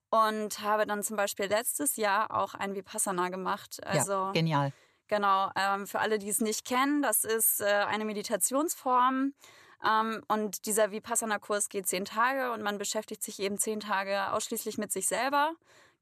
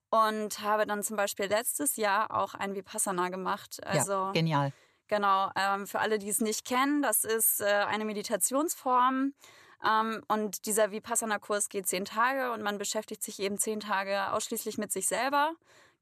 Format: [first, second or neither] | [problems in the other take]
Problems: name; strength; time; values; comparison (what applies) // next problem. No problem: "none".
neither | none